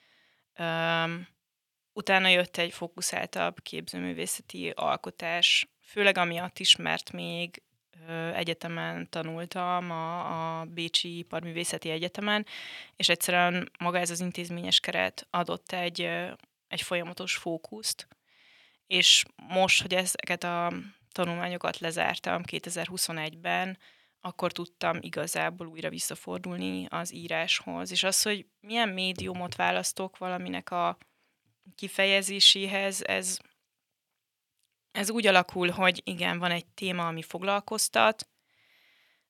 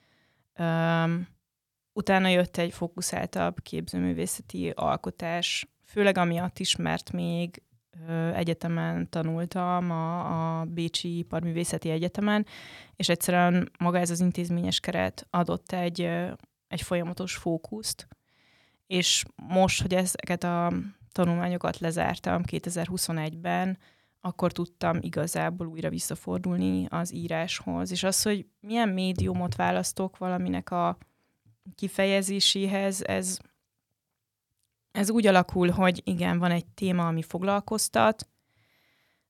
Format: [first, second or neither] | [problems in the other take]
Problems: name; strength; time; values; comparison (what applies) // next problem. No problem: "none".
second | thin; very slightly; fading below 900 Hz